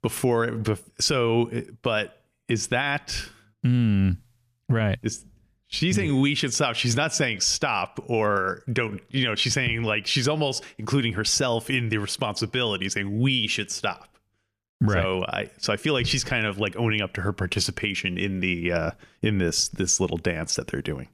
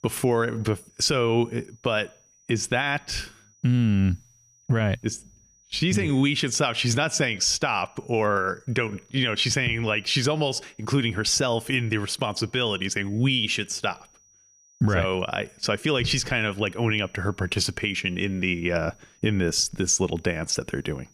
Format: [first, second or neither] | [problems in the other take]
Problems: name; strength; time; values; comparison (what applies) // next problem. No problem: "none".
first | high-pitched whine; faint; throughout; 6 kHz, 30 dB below the speech